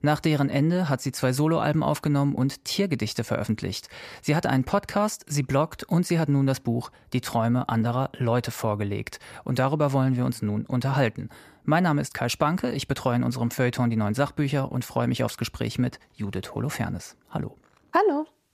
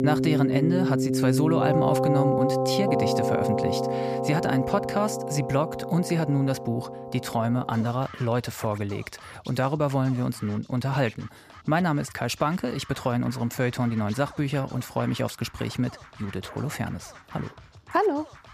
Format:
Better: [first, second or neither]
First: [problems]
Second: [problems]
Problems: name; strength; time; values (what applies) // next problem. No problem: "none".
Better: first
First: none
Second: background music; very loud; throughout; as loud as the speech